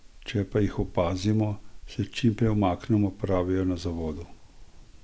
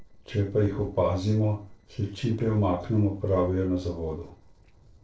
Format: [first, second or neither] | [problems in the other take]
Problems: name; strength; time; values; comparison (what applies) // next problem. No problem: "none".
first | noise reduction (neural separator model SepFormer DNS4)